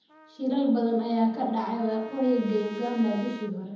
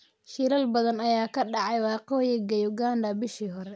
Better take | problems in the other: second | background sound (Trumpet); 20 dB below the speech // room echo; dies away in 1 s

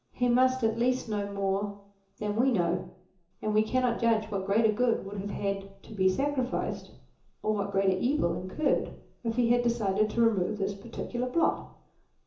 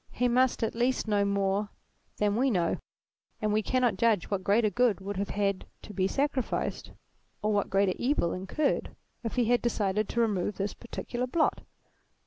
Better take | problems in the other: second | room echo; dies away in 0.7 s

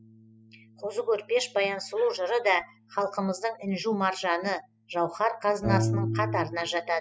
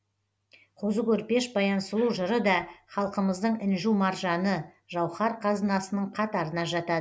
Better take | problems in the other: second | noise reduction (classical method spectral subtraction)

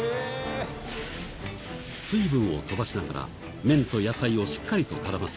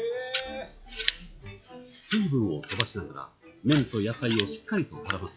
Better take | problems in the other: first | noise reduction (classical method log-MMSE)

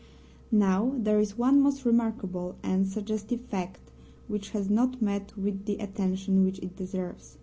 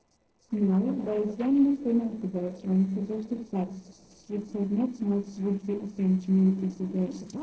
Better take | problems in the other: first | noise reduction (neural separator model SepFormer DNS4)

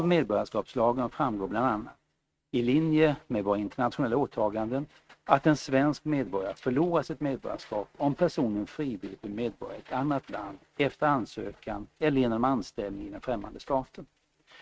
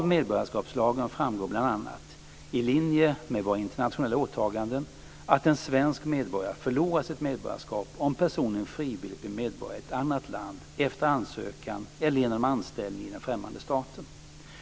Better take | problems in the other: second | noise reduction (neural mask model RNNoise)

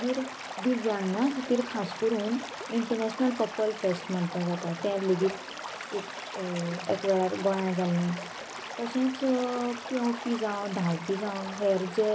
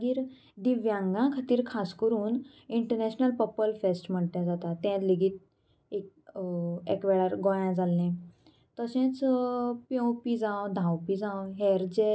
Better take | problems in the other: second | background sound (Stream / Liquid); 10 dB below the speech

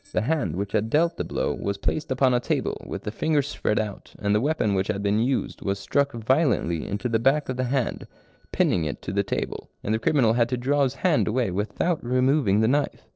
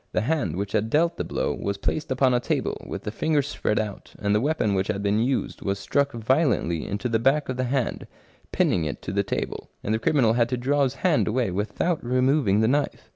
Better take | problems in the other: second | noise reduction (neural separator model SepFormer DNS4)

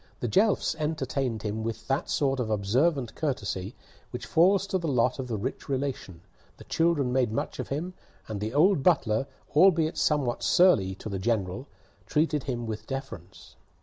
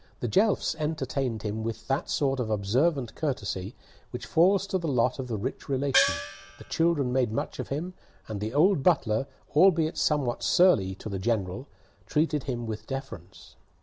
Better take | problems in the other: first | background sound (Gong); 2 dB below the speech

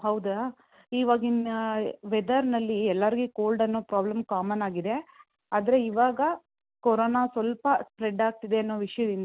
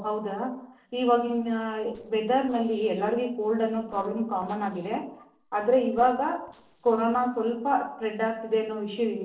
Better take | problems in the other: first | noise reduction (neural separator model SepFormer DNS4)

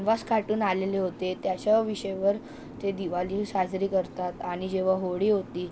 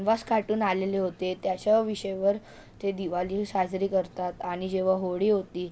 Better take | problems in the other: second | background sound (Boat, Water vehicle); 17 dB below the speech

